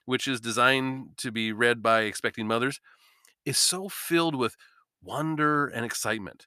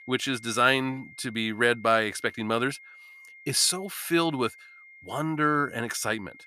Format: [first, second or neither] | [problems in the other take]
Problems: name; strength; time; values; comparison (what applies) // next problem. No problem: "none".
first | high-pitched whine; faint; throughout; 2 kHz, 20 dB below the speech